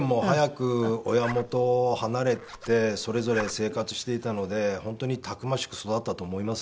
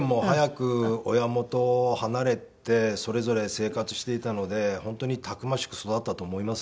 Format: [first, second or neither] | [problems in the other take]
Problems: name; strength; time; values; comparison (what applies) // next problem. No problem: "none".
second | background sound (Zipper (clothing)); 15 dB below the speech